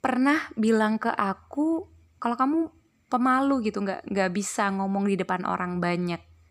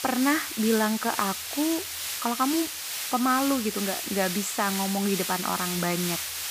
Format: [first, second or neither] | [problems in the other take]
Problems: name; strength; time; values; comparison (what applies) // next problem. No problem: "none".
first | hiss; loud; throughout; 3 dB below the speech